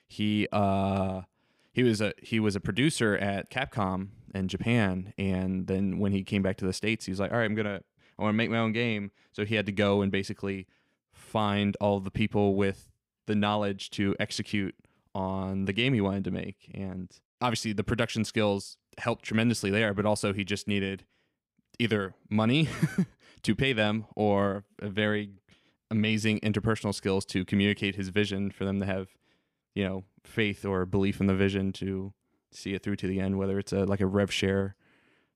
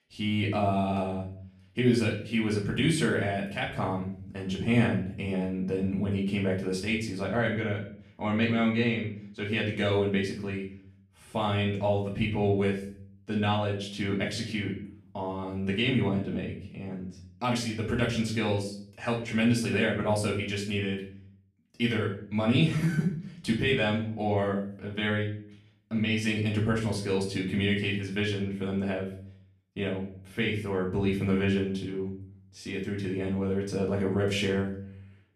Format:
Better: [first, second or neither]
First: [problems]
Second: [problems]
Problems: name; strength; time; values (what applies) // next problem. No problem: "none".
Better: first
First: none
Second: off-mic speech; far // room echo; slight; dies away in 0.5 s